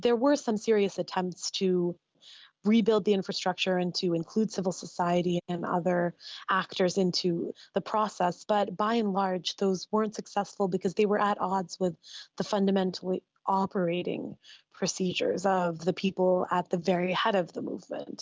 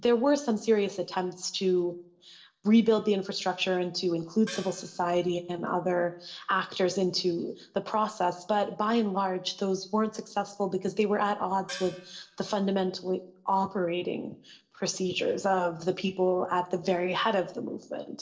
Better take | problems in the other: first | noise reduction (neural separator model SepFormer DNS4)

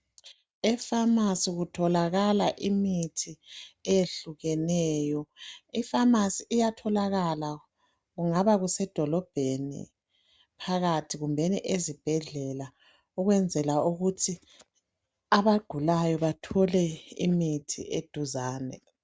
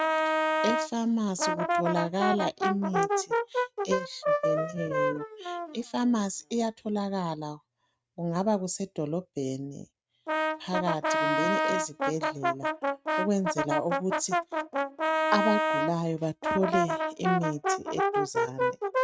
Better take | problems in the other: first | noise reduction (neural mask model RNNoise)

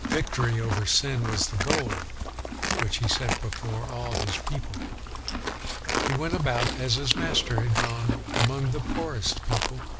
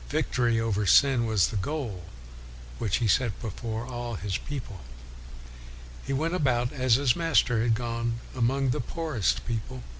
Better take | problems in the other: second | background sound (Livestock, farm animals, working animals); 3 dB below the speech

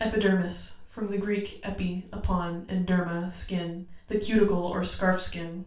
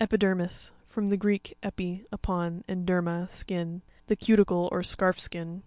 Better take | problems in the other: second | room echo; dies away in 0.3 s

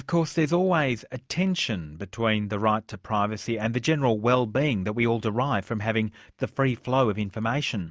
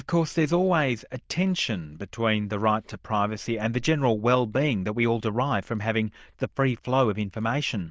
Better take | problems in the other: first | noise reduction (neural diffusion model UNIVERSE++)

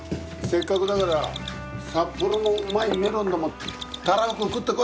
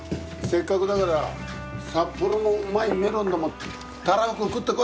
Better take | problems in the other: second | background sound (Mechanisms); 14 dB below the speech

